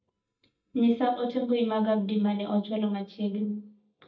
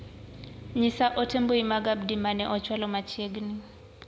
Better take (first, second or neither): second